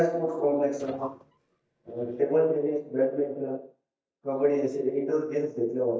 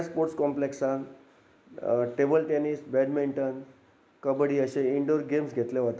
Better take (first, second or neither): second